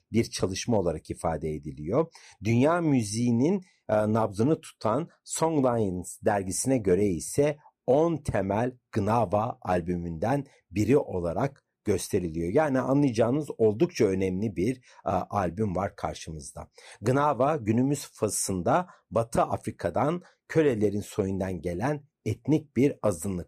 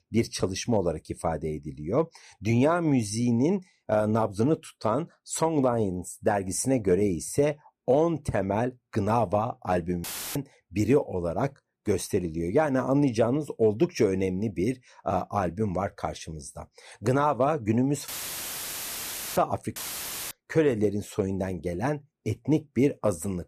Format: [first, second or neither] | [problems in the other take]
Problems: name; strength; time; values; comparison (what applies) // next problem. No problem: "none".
first | audio cutting out; filled with static; at 10 s, at 18 s for 1.5 s and at 20 s for 0.5 s